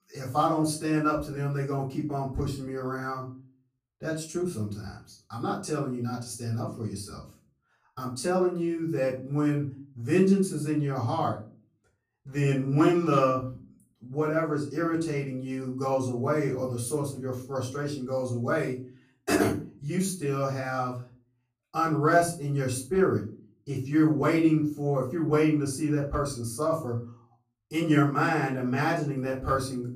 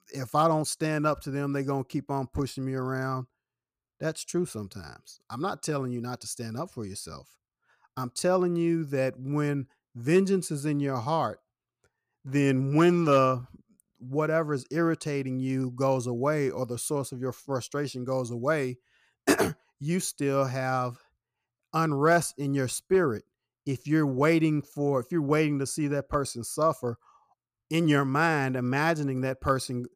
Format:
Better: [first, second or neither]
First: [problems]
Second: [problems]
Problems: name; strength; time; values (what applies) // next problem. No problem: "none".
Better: second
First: off-mic speech; far // room echo; slight; dies away in 0.3 s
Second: none